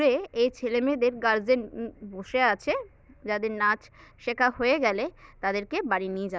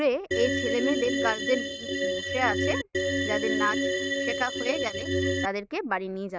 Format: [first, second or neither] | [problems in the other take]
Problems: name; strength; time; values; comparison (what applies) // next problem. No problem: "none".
first | noise reduction (neural mask model RNNoise)